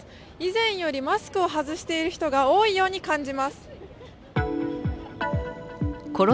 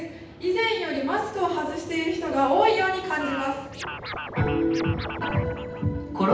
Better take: first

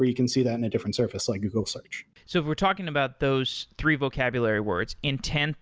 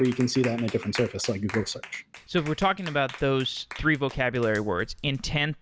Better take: first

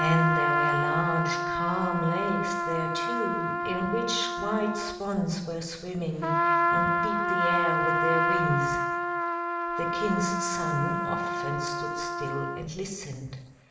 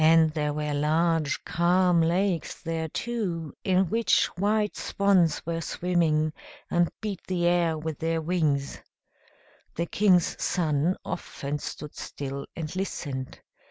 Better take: second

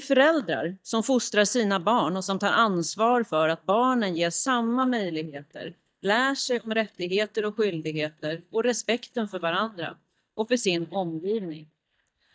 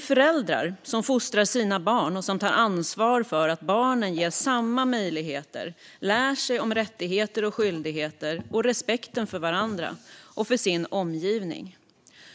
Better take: second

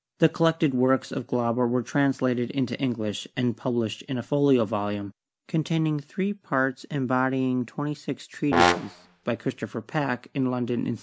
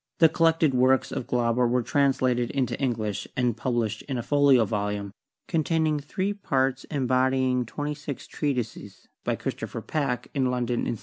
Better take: second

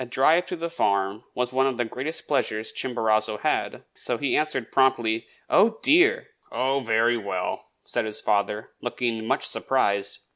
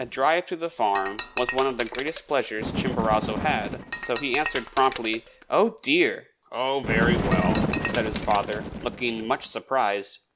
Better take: first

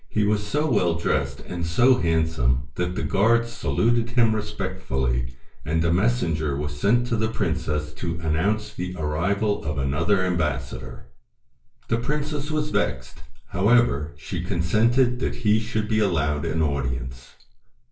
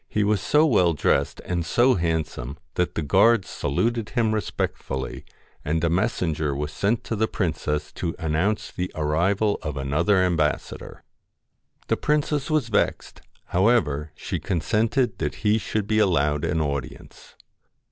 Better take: second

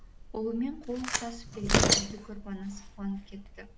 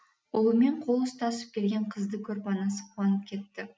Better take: second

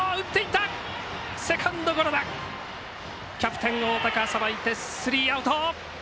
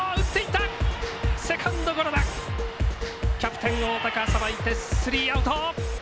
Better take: first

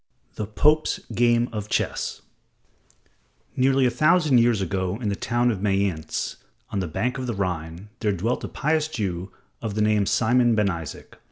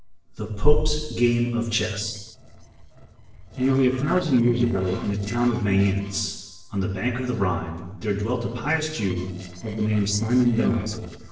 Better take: first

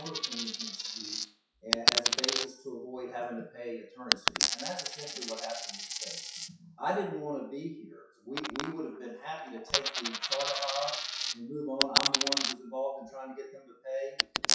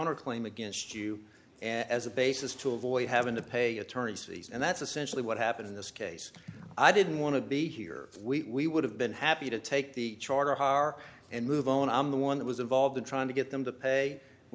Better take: second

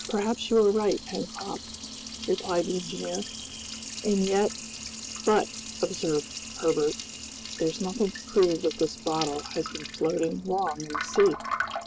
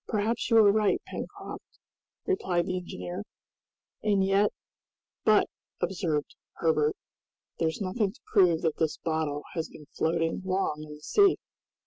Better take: second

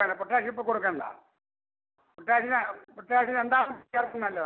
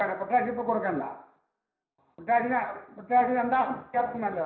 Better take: first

